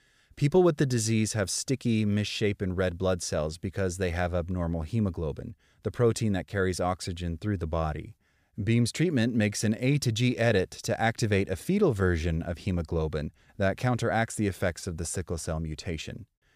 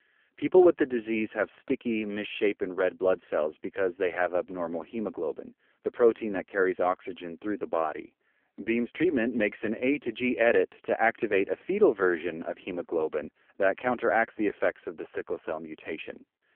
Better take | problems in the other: first | phone-call audio; poor line

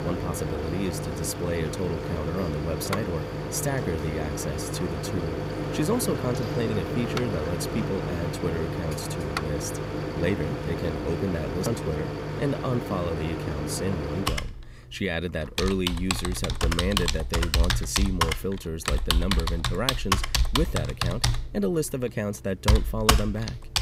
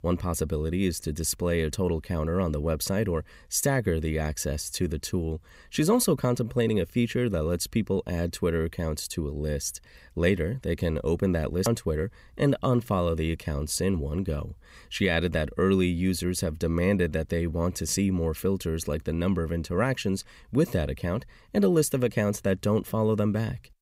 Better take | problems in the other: second | household noises; very loud; throughout; 1 dB above the speech

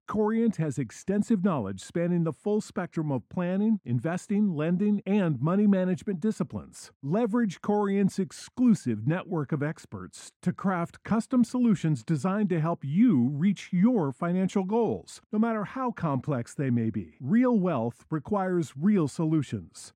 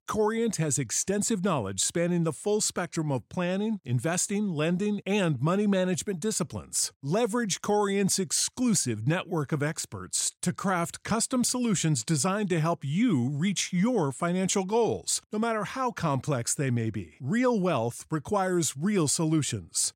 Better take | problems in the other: second | muffled; very; fading above 3 kHz

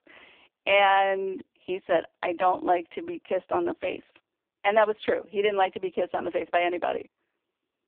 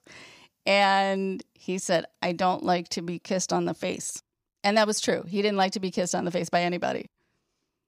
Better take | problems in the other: second | phone-call audio; poor line

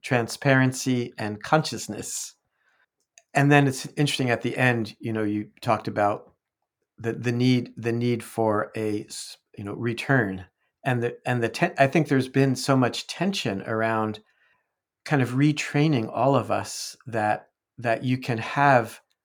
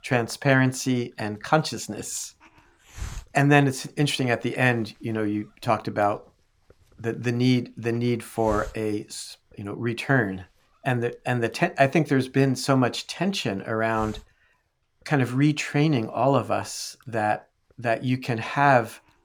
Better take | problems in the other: first | hiss; faint; throughout; 20 dB below the speech

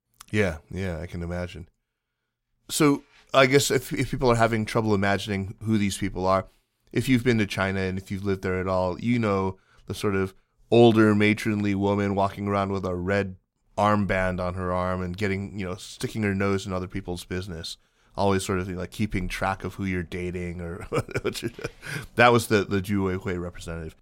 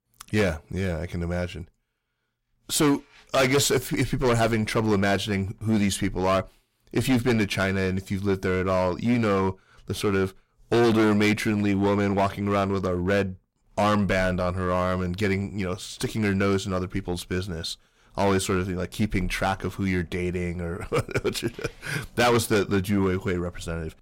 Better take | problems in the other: first | distortion; heavy; 8% of the sound clipped

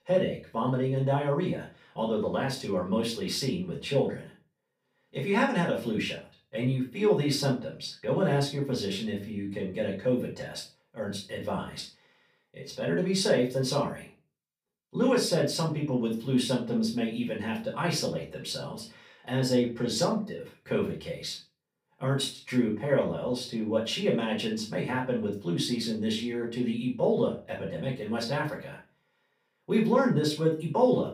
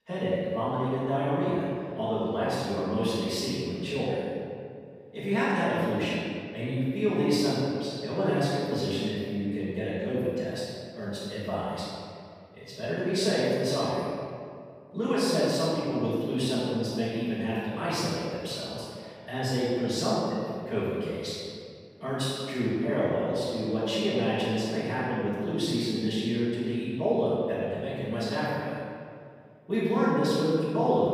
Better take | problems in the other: first | room echo; strong; dies away in 2 s; slight in the first // off-mic speech; far; far in the first

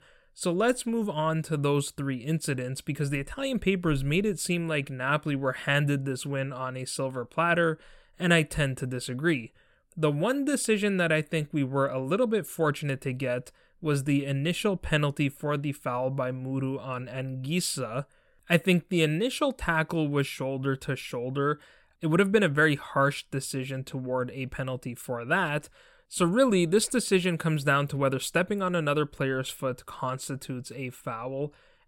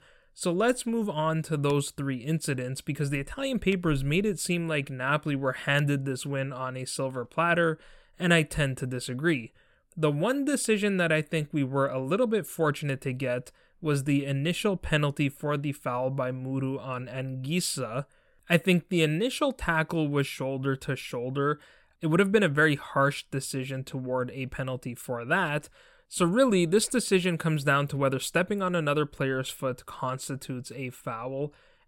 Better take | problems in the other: first | machinery noise; very faint; throughout; 30 dB below the speech

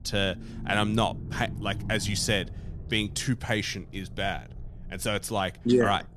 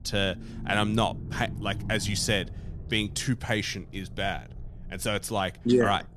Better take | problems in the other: neither | low rumble; faint; throughout; 20 dB below the speech; the same in both

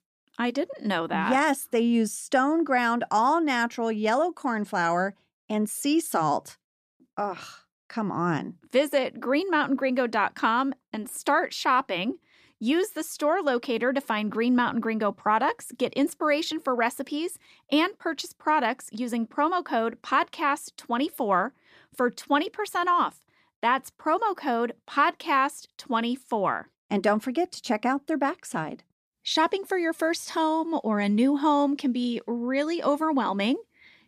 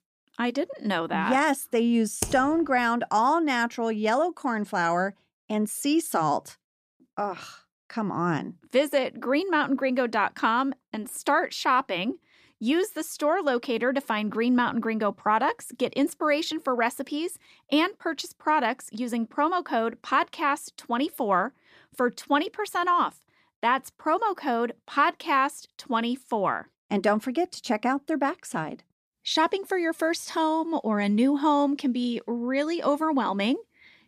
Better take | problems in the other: first | keyboard typing; noticeable; at 2 s; peak 6 dB below the speech

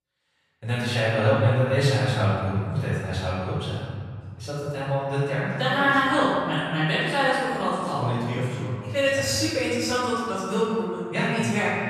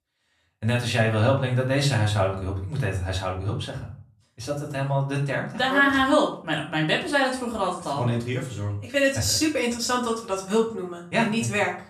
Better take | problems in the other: second | room echo; strong; dies away in 1.9 s; slight in the second // off-mic speech; far; far in the second

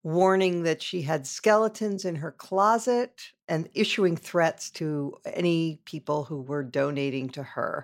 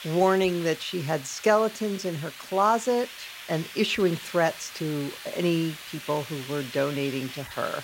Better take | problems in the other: first | hiss; noticeable; throughout; 10 dB below the speech

